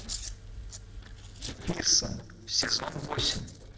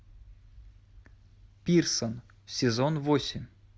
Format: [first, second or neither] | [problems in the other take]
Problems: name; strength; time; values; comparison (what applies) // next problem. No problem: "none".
second | noise reduction (neural separator model SepFormer DNS4)